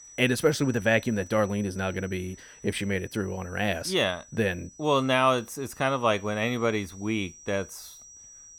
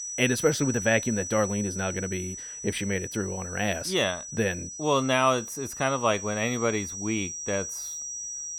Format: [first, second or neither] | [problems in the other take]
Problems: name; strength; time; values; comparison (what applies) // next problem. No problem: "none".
first | high-pitched whine; loud; throughout; 6 kHz, 7 dB below the speech; faint in the first